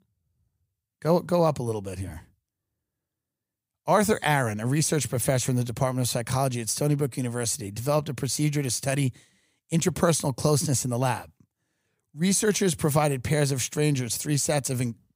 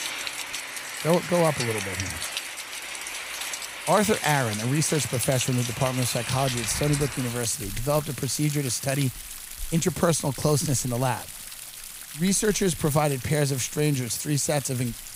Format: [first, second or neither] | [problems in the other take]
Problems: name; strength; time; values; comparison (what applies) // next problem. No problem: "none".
first | rain or running water; loud; throughout; 7 dB below the speech